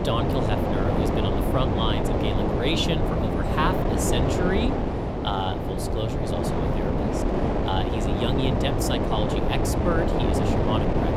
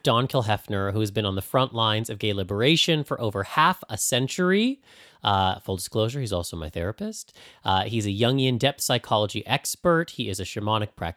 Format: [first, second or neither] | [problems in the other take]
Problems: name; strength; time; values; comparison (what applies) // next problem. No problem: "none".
second | wind noise on the microphone; heavy; 2 dB above the speech